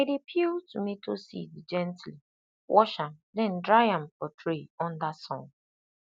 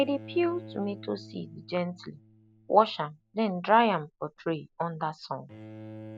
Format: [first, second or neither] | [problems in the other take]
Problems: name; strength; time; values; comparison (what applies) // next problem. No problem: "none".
first | background sound (Bowed string instrument); 18 dB below the speech